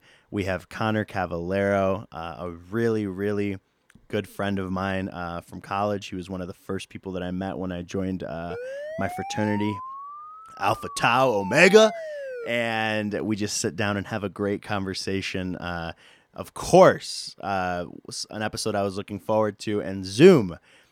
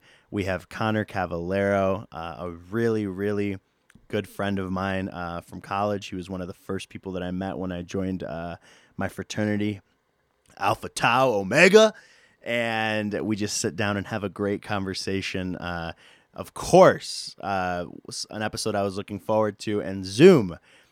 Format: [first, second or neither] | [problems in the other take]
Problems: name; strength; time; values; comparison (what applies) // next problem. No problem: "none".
second | siren; noticeable; from 8.5 to 12 s; peak 10 dB below the speech